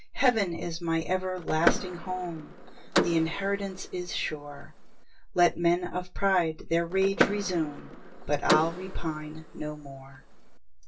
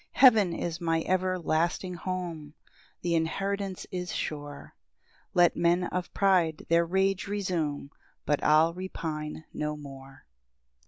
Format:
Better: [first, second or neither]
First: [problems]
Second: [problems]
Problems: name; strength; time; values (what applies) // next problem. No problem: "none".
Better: second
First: background sound (Door / Car); 5 dB below the speech // room echo; dies away in 0.1 s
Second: none